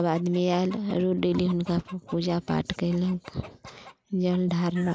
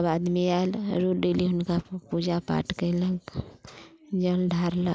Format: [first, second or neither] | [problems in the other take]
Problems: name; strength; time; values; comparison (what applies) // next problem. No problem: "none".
second | noise reduction (neural mask model Resemble Enhance denoiser)